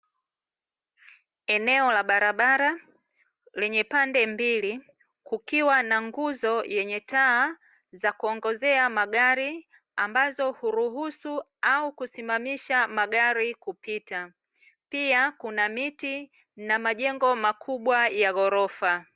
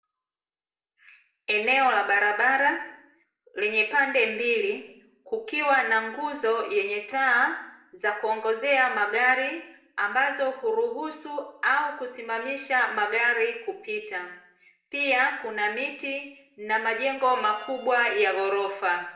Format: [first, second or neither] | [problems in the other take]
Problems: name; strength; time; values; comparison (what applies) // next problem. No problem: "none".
first | noise reduction (neural separator model SepFormer DNS4)